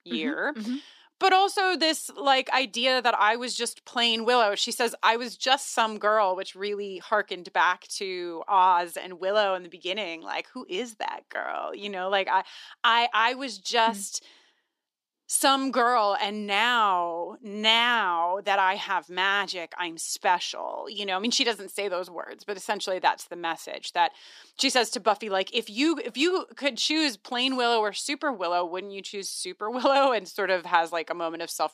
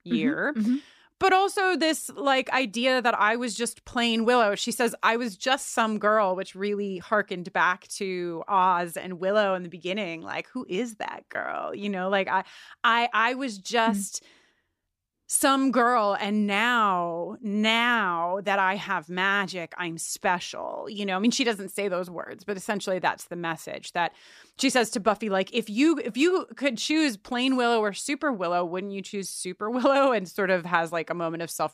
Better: second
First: thin; very slightly; fading below 300 Hz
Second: none

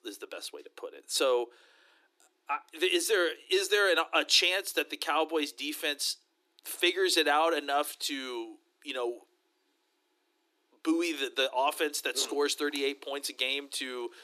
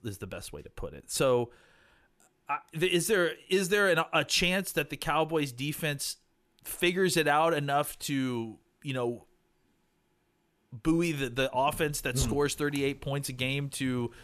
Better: second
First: thin; somewhat; fading below 300 Hz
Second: none

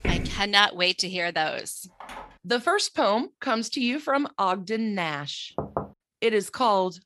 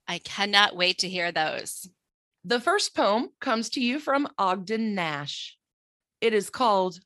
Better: second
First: footsteps; noticeable; at the start; peak 4 dB below the speech // phone ringing; faint; at 2 s; peak 15 dB below the speech // door banging; noticeable; at 5.5 s; peak 8 dB below the speech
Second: none

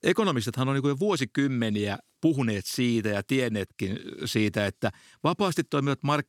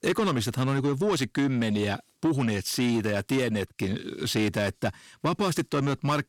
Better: first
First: none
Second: distortion; slight; 10 dB below the speech

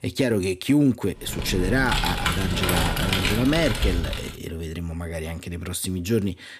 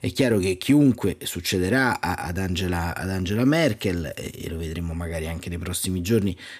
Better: second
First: keyboard typing; loud; from 1 to 4.5 s; peak 2 dB above the speech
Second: none

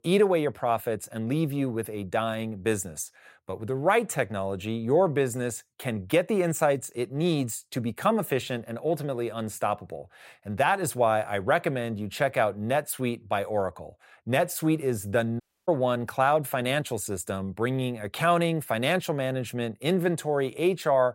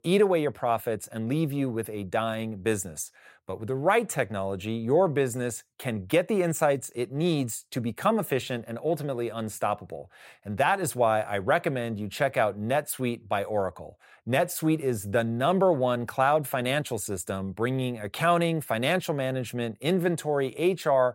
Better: second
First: audio cutting out; at 15 s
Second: none

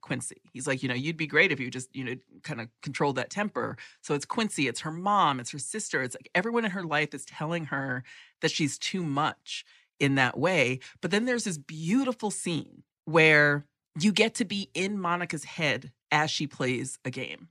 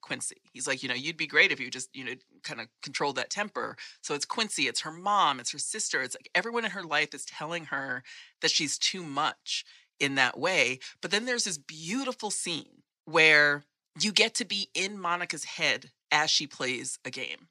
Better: first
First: none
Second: thin; somewhat; fading below 550 Hz

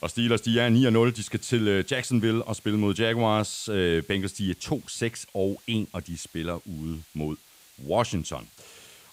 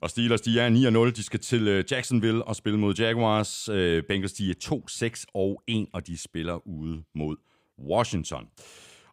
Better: second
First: hiss; faint; throughout; 25 dB below the speech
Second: none

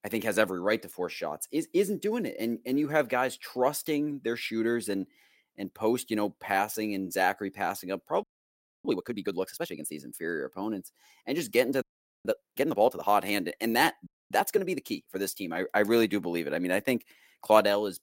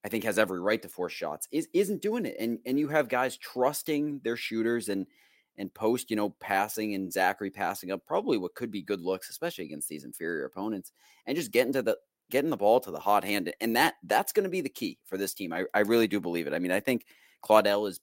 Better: second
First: audio freezing; at 8 s for 0.5 s, at 12 s and at 14 s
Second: none

